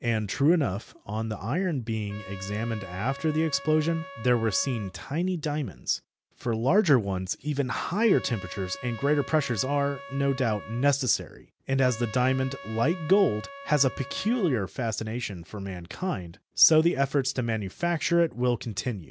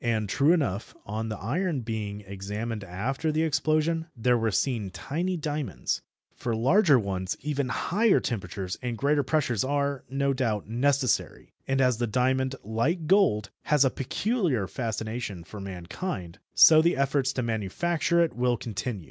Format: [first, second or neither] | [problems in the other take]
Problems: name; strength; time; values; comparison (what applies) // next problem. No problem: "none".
second | background sound (Trumpet); 16 dB below the speech